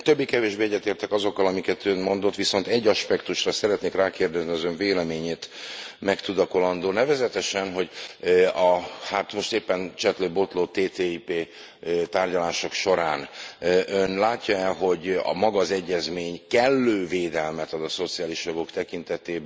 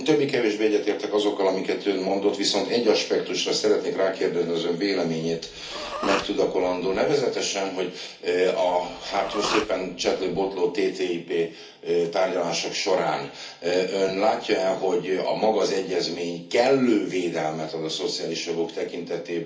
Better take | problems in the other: first | background sound (Respiratory sounds); 10 dB below the speech // room echo; dies away in 0.4 s

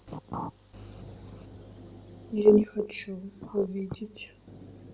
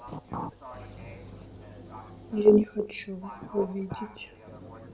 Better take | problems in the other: first | background sound (Livestock, farm animals, working animals); 18 dB below the speech

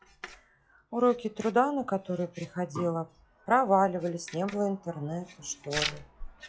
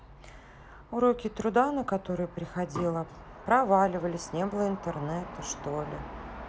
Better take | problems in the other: second | noise reduction (classical method log-MMSE)

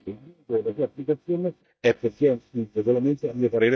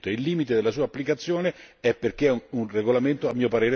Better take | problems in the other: second | noise reduction (neural mask model DeepFilterNet 3)

